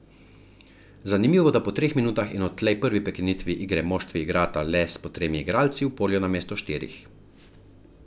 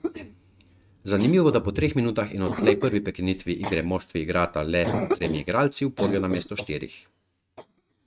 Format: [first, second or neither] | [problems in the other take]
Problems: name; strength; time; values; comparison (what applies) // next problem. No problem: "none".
first | noise reduction (neural mask model RNNoise)